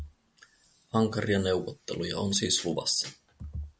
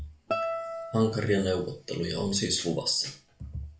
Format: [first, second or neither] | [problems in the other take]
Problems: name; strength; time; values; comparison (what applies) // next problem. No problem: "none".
first | background sound (Guitar); 9 dB below the speech // room echo; dies away in 0.4 s